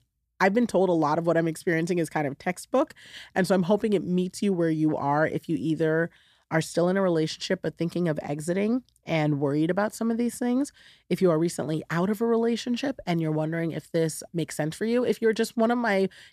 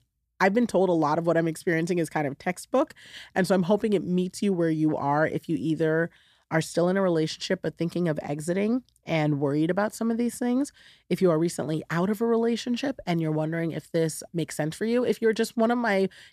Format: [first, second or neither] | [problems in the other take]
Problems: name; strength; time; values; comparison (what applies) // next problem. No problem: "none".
neither | none